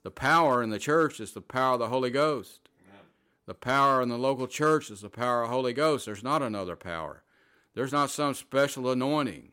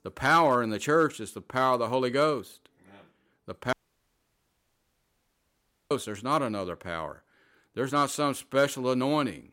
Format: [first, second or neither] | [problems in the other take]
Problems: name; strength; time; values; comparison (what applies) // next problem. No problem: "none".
first | audio cutting out; at 3.5 s for 2 s